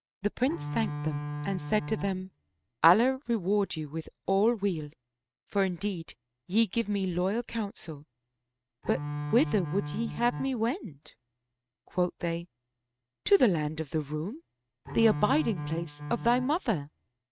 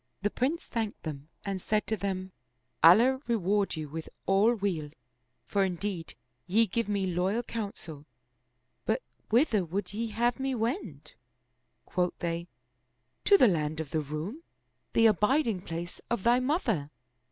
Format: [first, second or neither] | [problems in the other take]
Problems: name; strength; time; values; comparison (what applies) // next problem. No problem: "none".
second | noise reduction (neural mask model RNNoise)